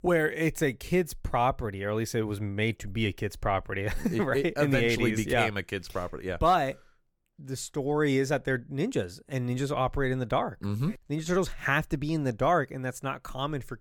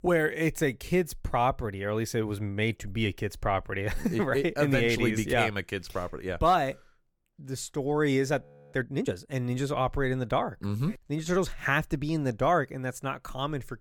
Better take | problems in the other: first | audio freezing; at 8.5 s

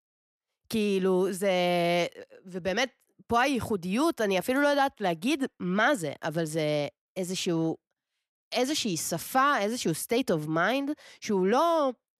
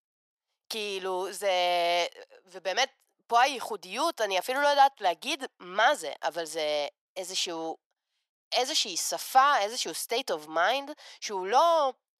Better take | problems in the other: first | thin; very; fading below 600 Hz

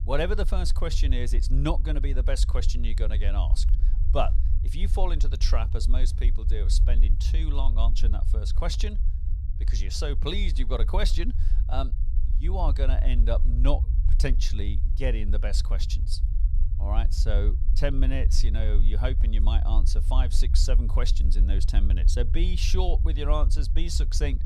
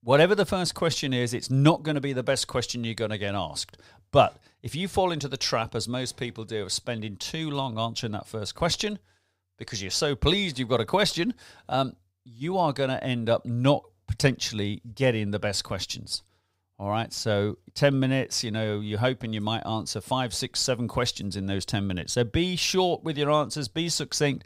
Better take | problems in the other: second | low rumble; noticeable; throughout; 15 dB below the speech

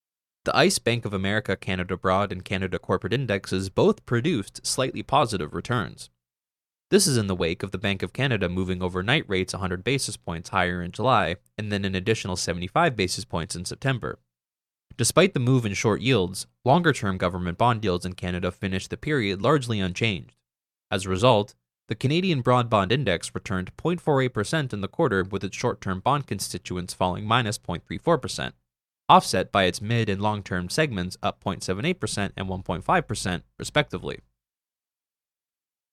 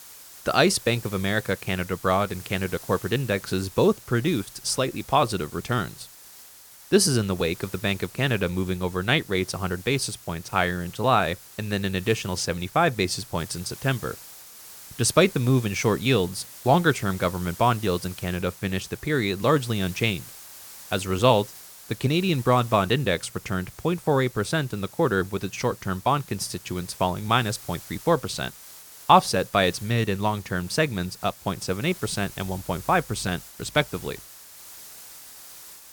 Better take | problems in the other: first | hiss; noticeable; throughout; 20 dB below the speech

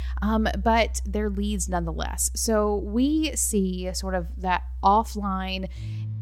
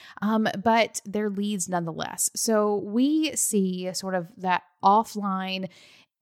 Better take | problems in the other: second | background music; loud; throughout; 10 dB below the speech

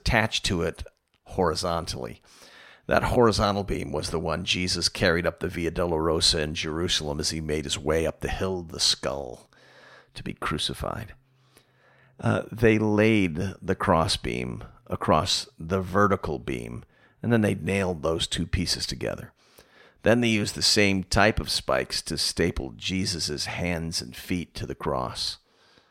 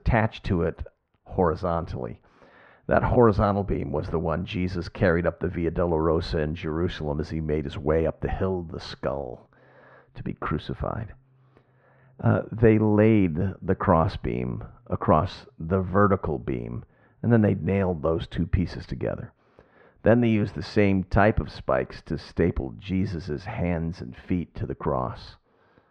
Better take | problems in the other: first | muffled; very; fading above 1.5 kHz

